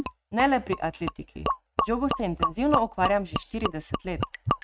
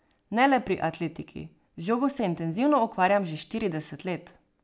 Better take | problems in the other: second | noise reduction (neural mask model RNNoise)

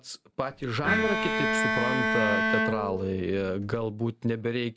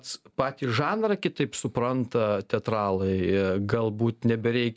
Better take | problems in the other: second | background sound (Bowed string instrument); 2 dB above the speech

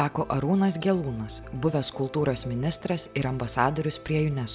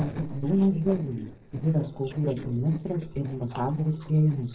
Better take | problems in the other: first | noise reduction (neural separator model SepFormer DNS4)

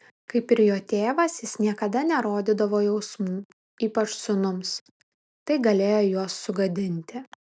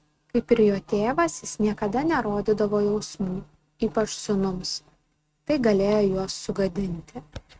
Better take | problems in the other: first | noise reduction (neural mask model RNNoise)

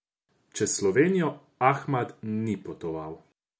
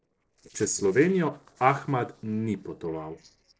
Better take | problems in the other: first | noise reduction (neural separator model SepFormer DNS4)

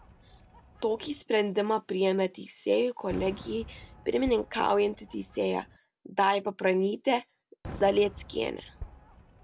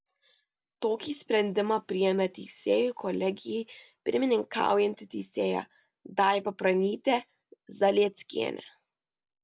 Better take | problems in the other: second | background sound (Fireworks); 19 dB below the speech

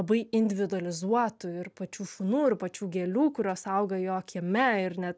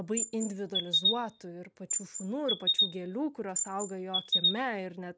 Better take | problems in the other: first | background sound (Chirp, tweet); 4 dB above the speech

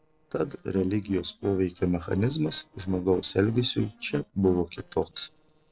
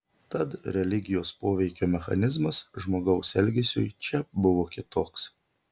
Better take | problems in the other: second | noise reduction (neural separator model SepFormer DNS4)

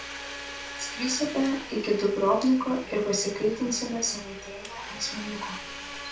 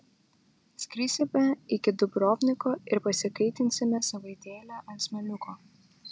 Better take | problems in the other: second | background sound (Domestic sounds, home sounds); 11 dB below the speech // room echo; dies away in 0.4 s

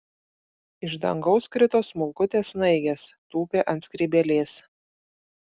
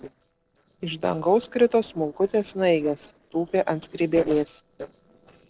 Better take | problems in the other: first | noise reduction (neural separator model SepFormer DNS4)

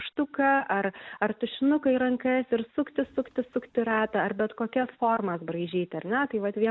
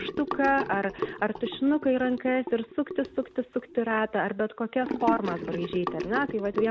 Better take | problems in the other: first | background sound (Sink (filling or washing) / Gurgling); 8 dB below the speech

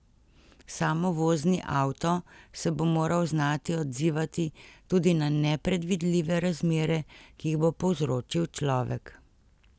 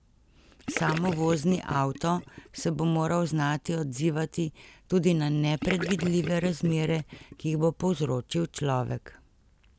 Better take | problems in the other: first | background sound (Gurgling / Liquid); 10 dB below the speech

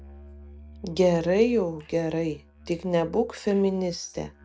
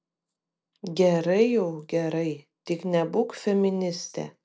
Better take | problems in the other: second | noise reduction (neural mask model RNNoise)

